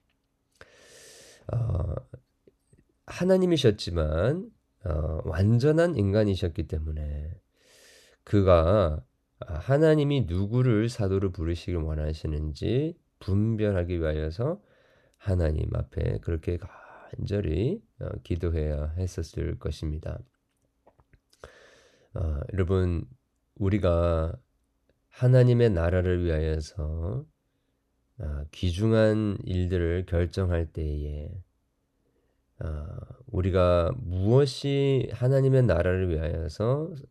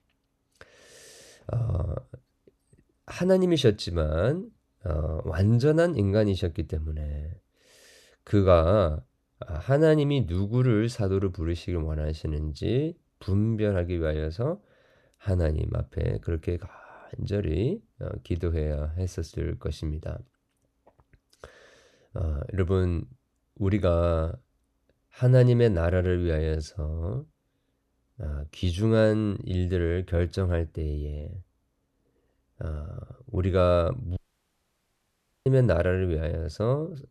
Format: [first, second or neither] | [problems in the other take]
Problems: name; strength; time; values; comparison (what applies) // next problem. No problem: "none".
first | audio cutting out; at 34 s for 1.5 s